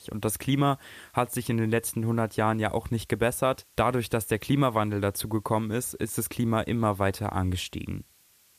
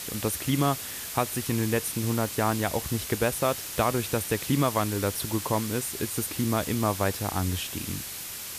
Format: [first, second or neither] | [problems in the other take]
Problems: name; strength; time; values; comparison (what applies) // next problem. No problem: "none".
first | hiss; loud; throughout; 5 dB below the speech; faint in the first